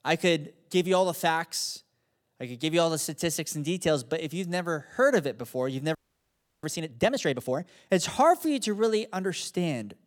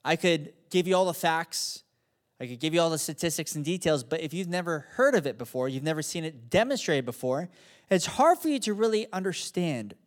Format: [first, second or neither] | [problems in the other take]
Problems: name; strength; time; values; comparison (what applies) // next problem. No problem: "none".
second | audio freezing; at 6 s for 0.5 s